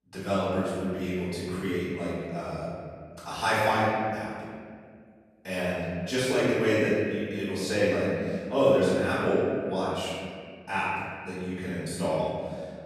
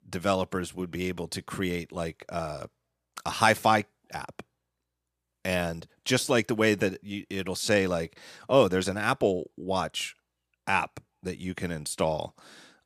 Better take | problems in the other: second | room echo; strong; dies away in 2 s // off-mic speech; far

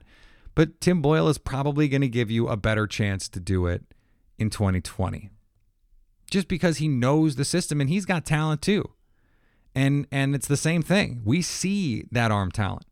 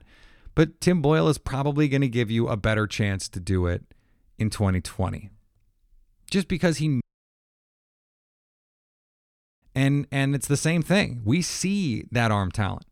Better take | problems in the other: first | audio cutting out; at 7 s for 2.5 s

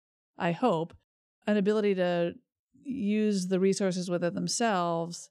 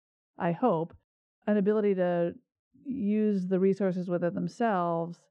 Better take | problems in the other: first | muffled; very; fading above 3.5 kHz

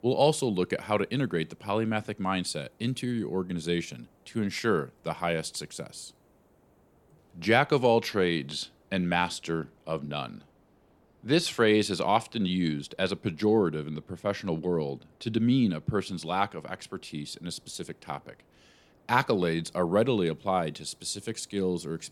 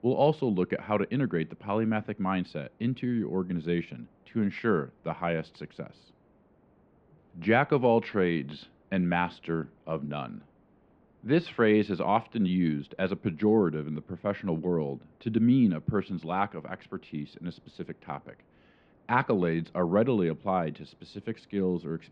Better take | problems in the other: first | muffled; very; fading above 2.5 kHz

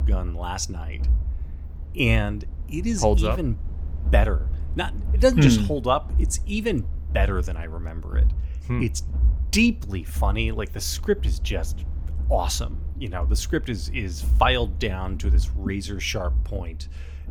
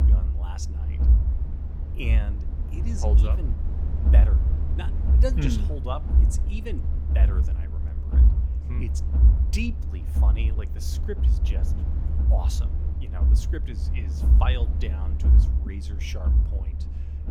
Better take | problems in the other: first | low rumble; loud; throughout; 4 dB below the speech; faint in the first

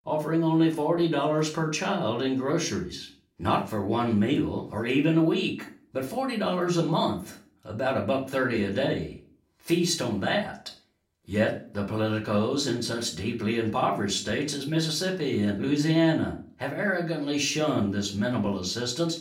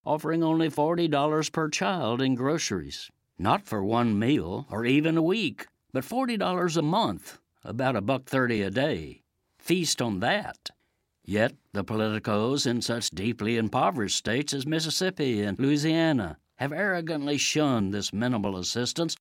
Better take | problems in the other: second | room echo; slight; dies away in 0.3 s // off-mic speech; far

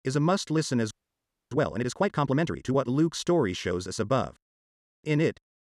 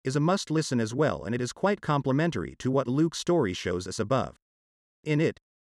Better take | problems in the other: second | audio freezing; at 1 s for 0.5 s

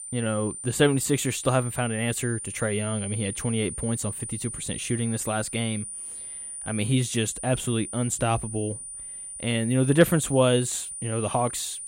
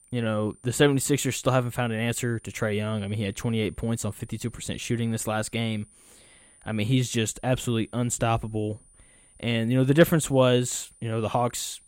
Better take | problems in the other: second | high-pitched whine; loud; throughout; 9.5 kHz, 8 dB below the speech; faint in the second

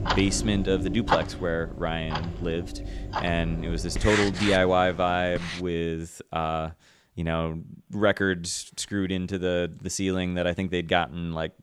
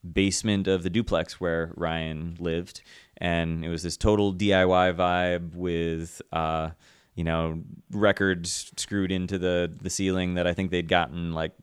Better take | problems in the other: second | household noises; loud; until 5.5 s; 5 dB below the speech

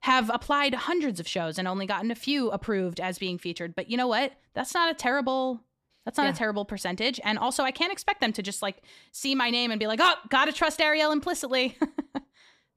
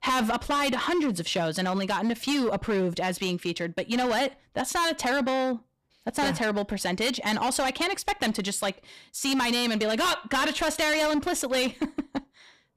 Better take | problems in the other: first | distortion; heavy; 16% of the sound clipped

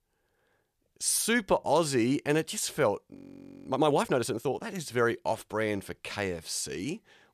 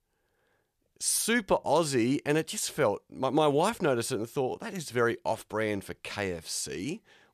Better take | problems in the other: second | audio freezing; at 3 s for 0.5 s

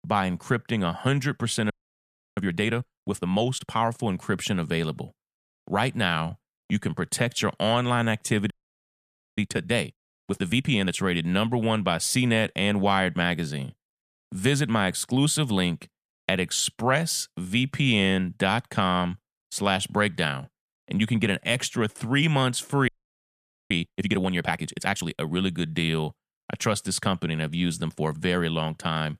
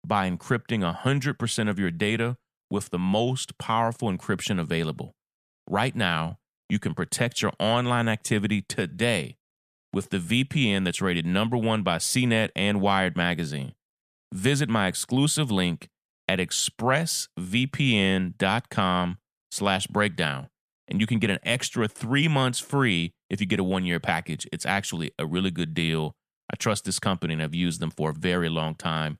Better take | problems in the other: second | audio freezing; at 1.5 s for 0.5 s, at 8.5 s for 1 s and at 23 s for 1 s

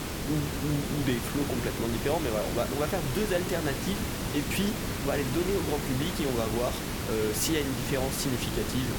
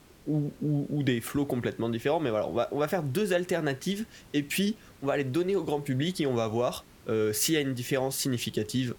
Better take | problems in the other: second | hiss; loud; throughout; 2 dB below the speech; faint in the second

